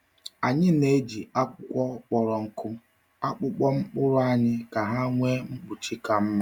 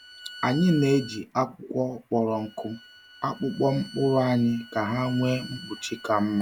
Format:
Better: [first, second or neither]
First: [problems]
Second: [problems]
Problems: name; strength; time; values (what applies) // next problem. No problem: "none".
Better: first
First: none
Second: background sound (Bowed string instrument); 19 dB below the speech